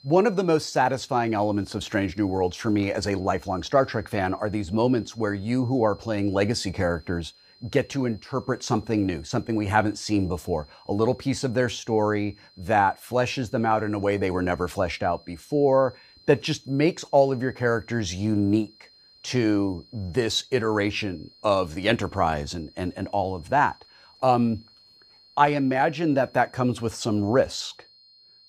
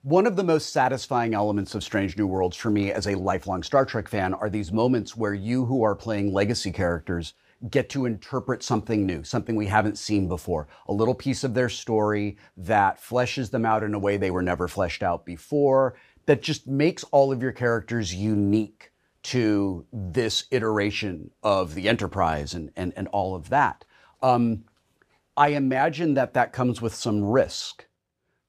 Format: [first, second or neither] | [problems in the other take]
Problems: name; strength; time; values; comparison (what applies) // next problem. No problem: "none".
second | high-pitched whine; faint; throughout; 4 kHz, 30 dB below the speech